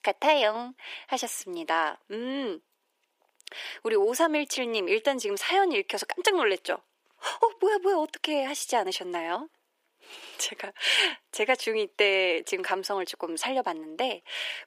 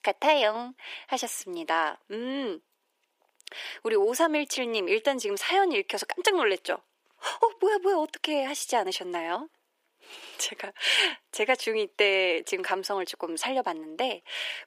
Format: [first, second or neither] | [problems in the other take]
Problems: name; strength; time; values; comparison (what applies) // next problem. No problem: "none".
neither | thin; very; fading below 350 Hz; the same in both